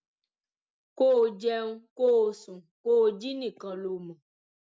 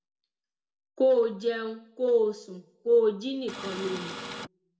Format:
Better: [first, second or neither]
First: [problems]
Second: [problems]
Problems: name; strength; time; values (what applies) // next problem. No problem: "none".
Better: first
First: none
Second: background sound (Printer); 9 dB below the speech // room echo; dies away in 0.5 s